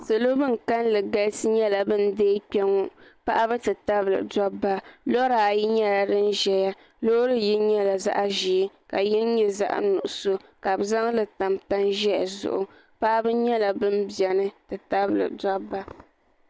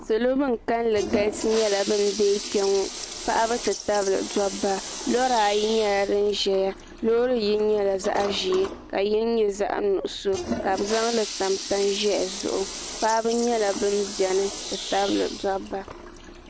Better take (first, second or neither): first